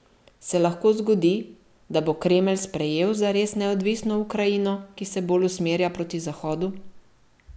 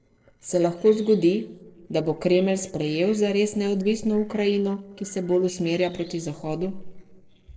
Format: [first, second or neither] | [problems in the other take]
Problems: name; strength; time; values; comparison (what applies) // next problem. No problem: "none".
first | noise reduction (neural separator model SepFormer DNS4)